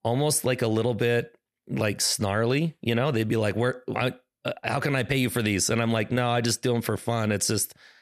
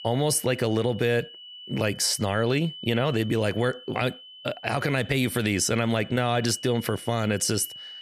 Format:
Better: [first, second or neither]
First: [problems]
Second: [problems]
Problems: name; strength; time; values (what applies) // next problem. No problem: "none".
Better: first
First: none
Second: high-pitched whine; noticeable; throughout; 3 kHz, 15 dB below the speech